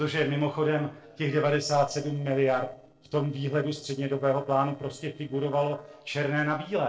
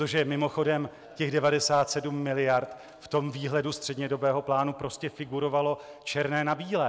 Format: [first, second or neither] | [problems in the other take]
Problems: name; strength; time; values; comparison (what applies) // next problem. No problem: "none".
second | noise reduction (neural separator model SepFormer DNS4)